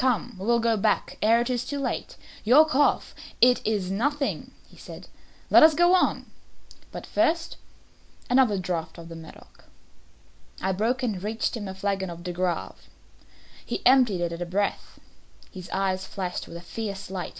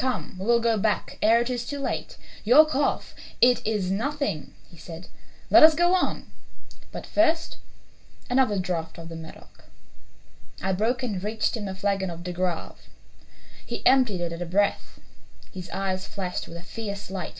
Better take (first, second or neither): first